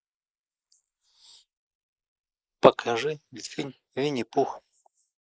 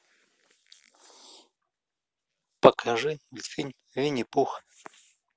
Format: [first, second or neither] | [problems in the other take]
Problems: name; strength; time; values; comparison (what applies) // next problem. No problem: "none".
second | noise reduction (neural mask model Resemble Enhance denoiser)